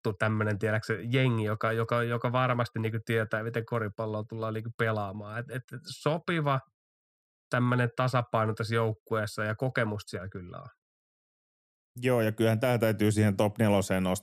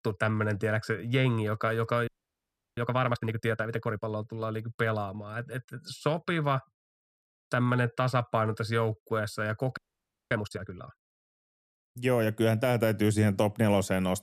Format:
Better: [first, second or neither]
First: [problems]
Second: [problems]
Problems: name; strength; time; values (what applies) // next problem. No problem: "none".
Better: first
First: none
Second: audio freezing; at 2 s for 0.5 s and at 10 s for 0.5 s